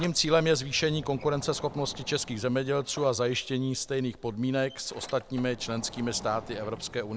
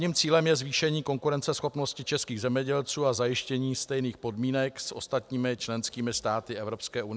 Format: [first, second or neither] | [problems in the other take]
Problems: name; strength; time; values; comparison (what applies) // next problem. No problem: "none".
second | background sound (Sliding door); 17 dB below the speech